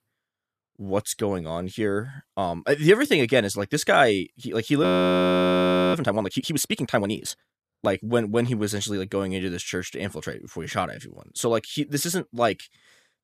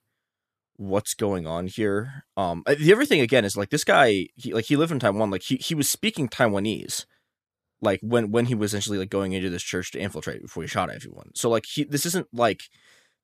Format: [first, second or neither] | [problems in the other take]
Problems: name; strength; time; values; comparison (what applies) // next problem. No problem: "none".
second | audio freezing; at 5 s for 1 s